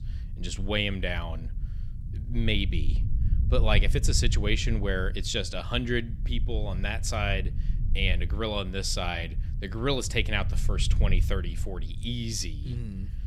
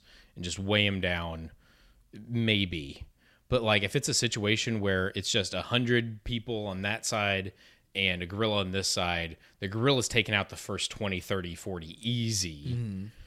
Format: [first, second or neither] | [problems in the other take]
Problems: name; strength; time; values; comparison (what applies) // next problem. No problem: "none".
second | low rumble; noticeable; throughout; 20 dB below the speech